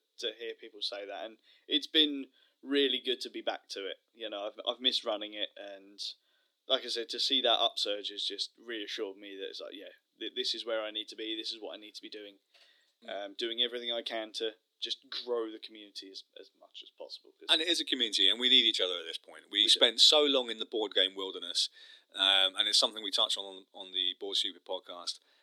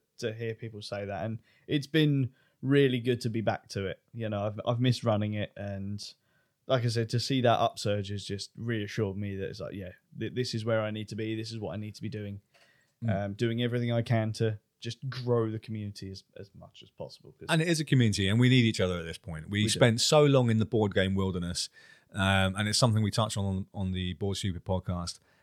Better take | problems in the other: second | thin; somewhat; fading below 300 Hz

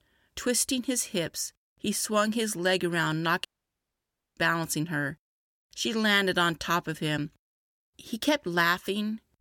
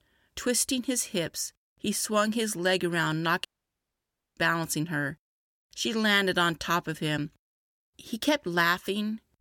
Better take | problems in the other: neither | audio cutting out; at 3.5 s for 1 s; the same in both

